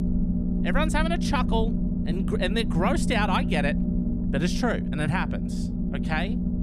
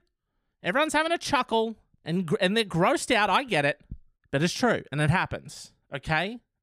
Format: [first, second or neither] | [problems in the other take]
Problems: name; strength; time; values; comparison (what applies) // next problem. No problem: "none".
second | low rumble; loud; throughout; 7 dB below the speech